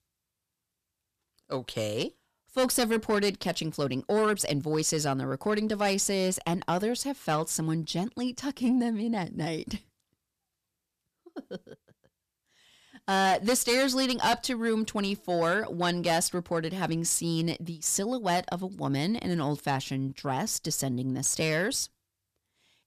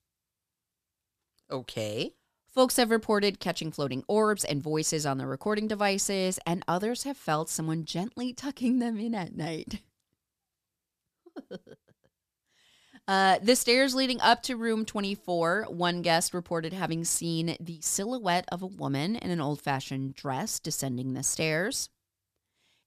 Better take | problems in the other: second | distortion; slight; 10 dB below the speech

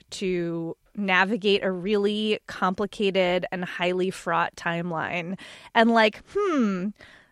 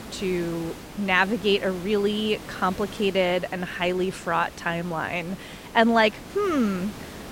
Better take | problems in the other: first | hiss; noticeable; throughout; 15 dB below the speech

